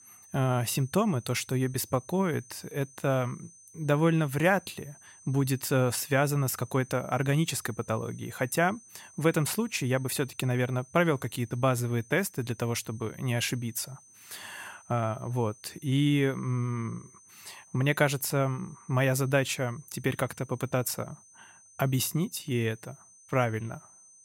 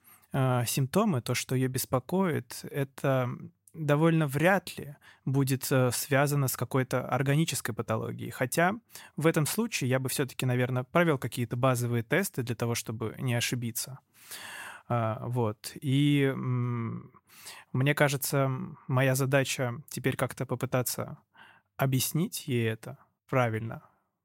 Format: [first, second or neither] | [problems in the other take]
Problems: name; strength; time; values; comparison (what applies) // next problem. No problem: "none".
second | high-pitched whine; faint; throughout; 6 kHz, 25 dB below the speech